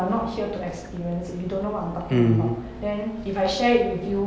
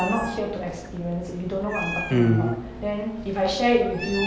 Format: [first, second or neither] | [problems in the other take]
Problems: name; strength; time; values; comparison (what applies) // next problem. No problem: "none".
first | background sound (Meow); 12 dB below the speech